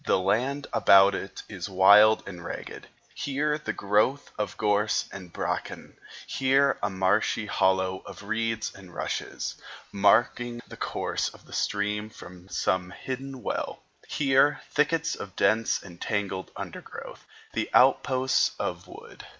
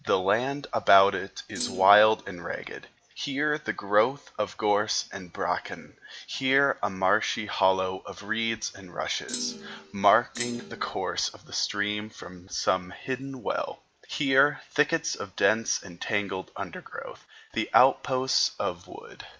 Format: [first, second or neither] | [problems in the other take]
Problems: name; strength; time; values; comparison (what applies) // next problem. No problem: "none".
first | background sound (Thump, thud); 12 dB below the speech